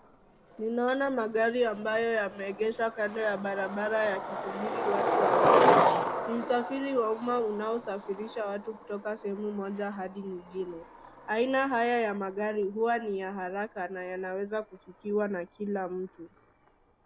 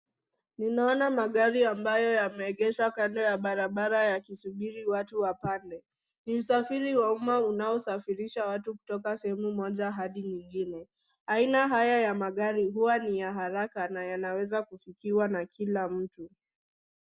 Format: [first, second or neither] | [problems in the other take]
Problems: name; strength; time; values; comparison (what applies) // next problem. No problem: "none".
second | background sound (Skateboard); 1 dB below the speech